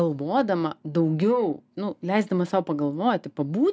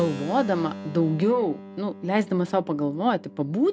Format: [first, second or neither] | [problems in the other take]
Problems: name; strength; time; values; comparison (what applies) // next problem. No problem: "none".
first | background sound (Keyboard (musical)); 14 dB below the speech